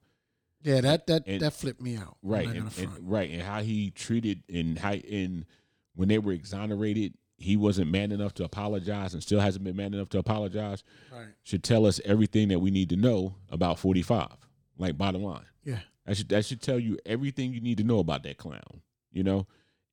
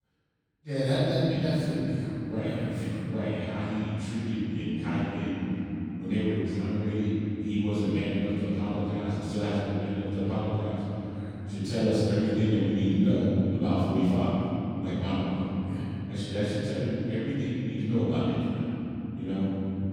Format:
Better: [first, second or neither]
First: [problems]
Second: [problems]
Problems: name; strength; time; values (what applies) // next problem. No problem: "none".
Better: first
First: none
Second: off-mic speech; far // room echo; strong; dies away in 3 s